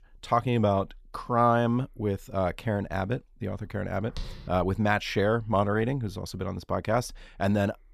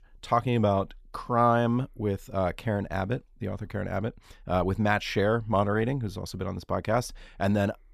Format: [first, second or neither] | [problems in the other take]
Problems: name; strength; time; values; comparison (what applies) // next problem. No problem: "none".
second | footsteps; faint; at 4 s; peak 15 dB below the speech